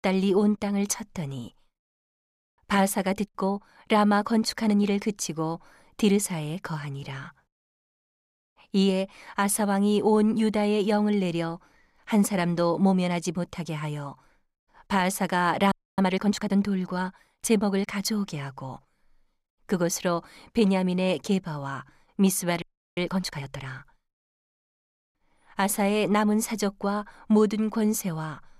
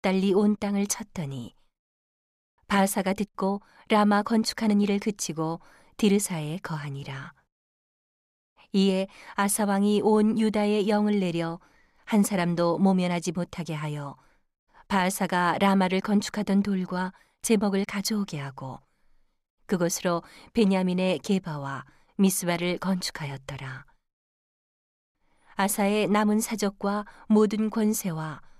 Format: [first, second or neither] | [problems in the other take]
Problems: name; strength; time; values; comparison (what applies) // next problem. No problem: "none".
second | audio freezing; at 16 s and at 23 s